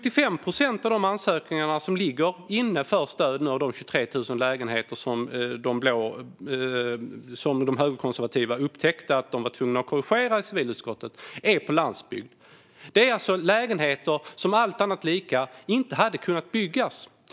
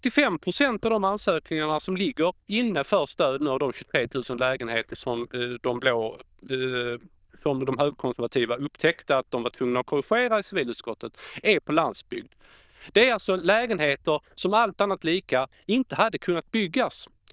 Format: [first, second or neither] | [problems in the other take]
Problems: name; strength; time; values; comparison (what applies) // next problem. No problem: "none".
first | noise reduction (neural diffusion model UNIVERSE++)